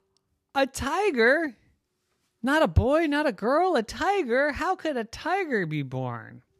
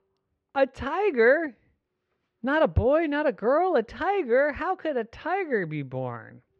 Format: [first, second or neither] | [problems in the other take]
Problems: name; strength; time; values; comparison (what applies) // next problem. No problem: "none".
first | muffled; slightly; fading above 2.5 kHz